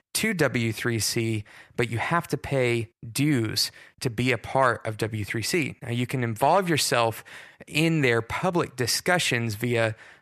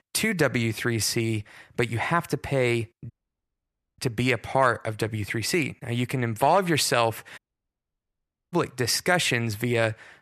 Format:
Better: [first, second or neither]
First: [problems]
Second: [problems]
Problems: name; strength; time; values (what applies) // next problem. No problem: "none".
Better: first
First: none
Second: audio cutting out; at 3 s for 1 s and at 7.5 s for 1 s